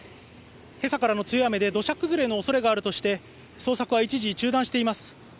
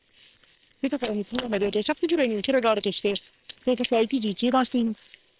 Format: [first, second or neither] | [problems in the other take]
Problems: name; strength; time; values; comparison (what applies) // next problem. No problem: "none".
first | noise reduction (neural separator model SepFormer WHAM!)